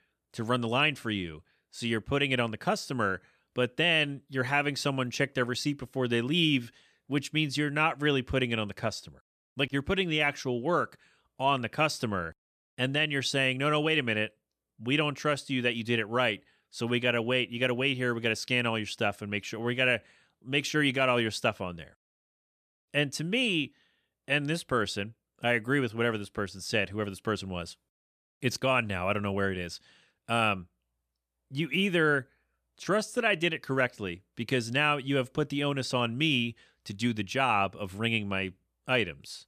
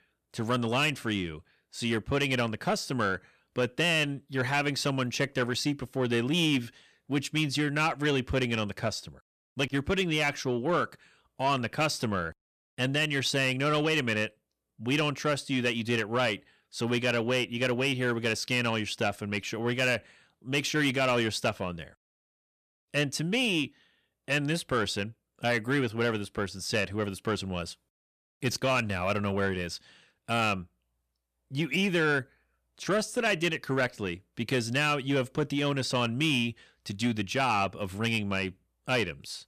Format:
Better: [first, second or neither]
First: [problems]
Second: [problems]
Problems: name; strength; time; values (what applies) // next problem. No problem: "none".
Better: first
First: none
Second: distortion; slight; 10 dB below the speech